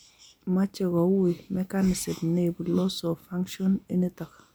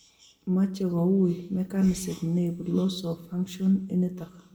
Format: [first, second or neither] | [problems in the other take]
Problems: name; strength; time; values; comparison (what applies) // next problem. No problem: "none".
first | room echo; dies away in 0.7 s